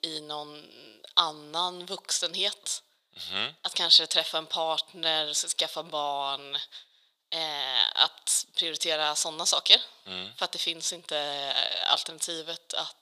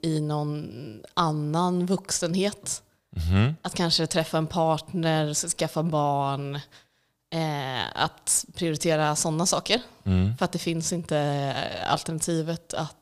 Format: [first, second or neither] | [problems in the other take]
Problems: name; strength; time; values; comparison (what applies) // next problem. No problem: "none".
second | thin; very; fading below 600 Hz